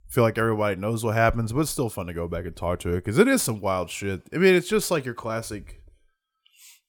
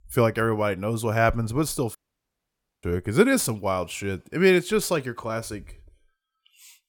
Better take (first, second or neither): first